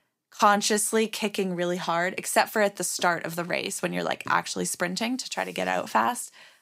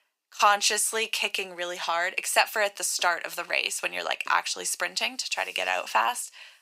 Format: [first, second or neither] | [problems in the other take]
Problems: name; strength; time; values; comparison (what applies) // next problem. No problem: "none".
first | thin; very; fading below 650 Hz